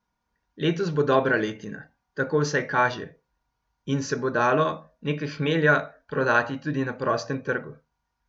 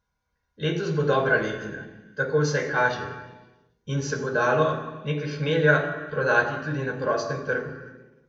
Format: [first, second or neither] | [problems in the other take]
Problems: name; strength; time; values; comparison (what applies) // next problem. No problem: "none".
first | room echo; dies away in 1 s